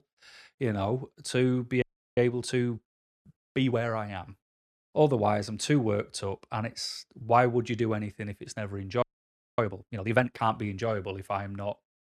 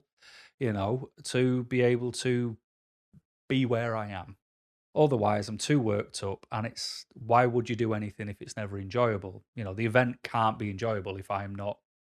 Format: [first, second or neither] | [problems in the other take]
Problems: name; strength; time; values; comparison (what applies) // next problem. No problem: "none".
second | audio freezing; at 2 s and at 9 s for 0.5 s